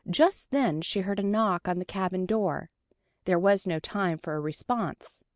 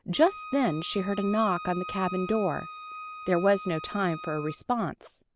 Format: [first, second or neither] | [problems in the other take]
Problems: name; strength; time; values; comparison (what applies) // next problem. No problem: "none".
first | background sound (Bowed string instrument); 12 dB below the speech